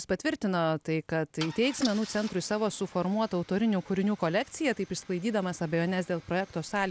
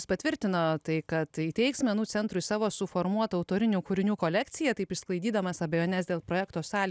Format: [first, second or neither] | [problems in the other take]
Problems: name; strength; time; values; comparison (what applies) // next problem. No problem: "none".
second | background sound (Idling / Engine starting / Car); 19 dB below the speech